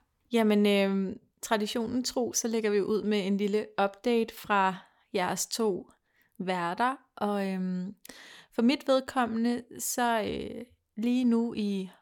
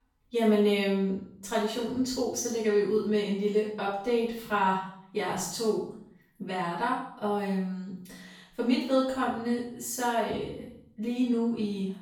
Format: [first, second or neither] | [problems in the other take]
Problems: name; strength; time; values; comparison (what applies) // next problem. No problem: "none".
first | room echo; noticeable; dies away in 0.6 s // off-mic speech; far